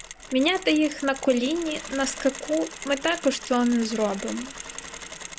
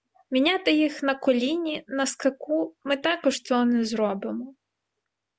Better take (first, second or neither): second